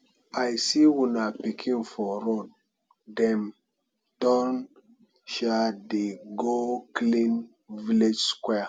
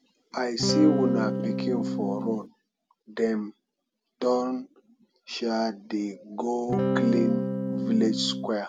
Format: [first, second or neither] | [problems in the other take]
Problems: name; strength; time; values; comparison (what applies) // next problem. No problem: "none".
first | background sound (Electric guitar / Strum); 2 dB above the speech